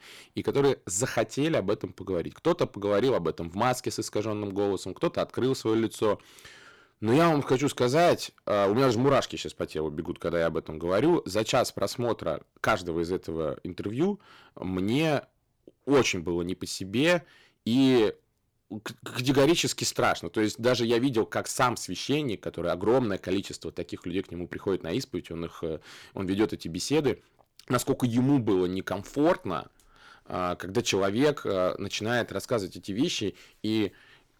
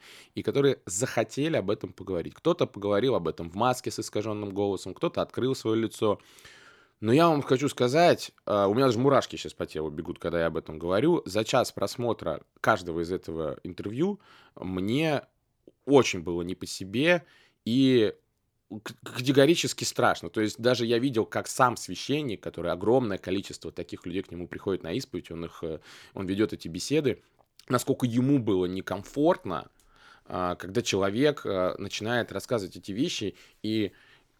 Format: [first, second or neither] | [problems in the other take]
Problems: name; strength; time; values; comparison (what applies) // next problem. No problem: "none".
second | distortion; slight; 4% of the sound clipped